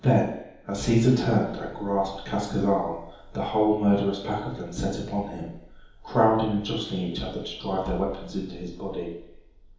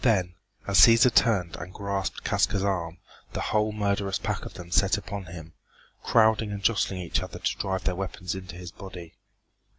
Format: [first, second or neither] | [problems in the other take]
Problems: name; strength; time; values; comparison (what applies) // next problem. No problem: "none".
second | room echo; dies away in 2.2 s